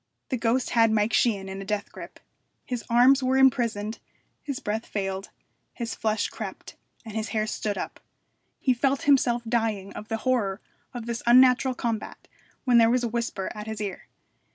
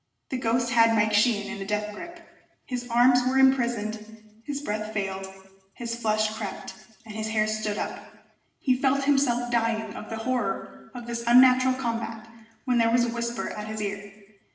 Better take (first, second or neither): first